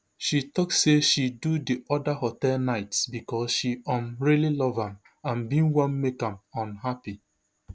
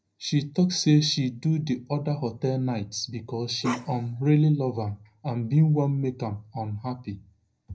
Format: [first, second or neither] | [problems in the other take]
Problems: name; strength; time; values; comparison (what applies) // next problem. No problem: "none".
first | background sound (Bark); 11 dB below the speech // room echo; dies away in 0.4 s